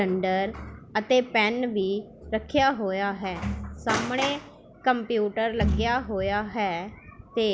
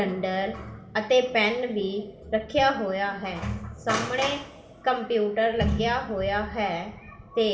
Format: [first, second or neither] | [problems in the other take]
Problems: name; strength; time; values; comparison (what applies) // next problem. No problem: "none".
first | room echo; dies away in 1.9 s